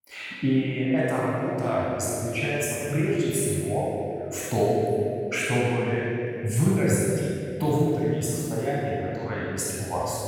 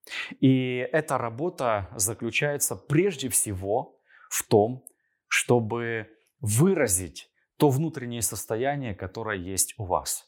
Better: second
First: off-mic speech; far // room echo; strong; dies away in 3 s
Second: none

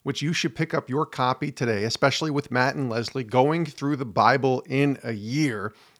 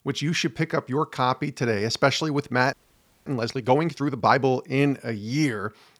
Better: first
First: none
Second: audio freezing; at 2.5 s for 0.5 s

